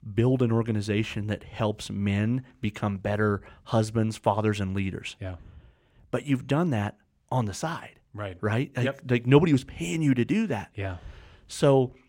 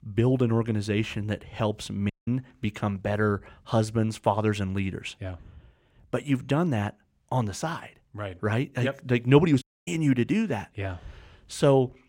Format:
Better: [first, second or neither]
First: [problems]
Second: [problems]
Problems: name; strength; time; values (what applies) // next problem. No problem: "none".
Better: first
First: none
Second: audio cutting out; at 2 s and at 9.5 s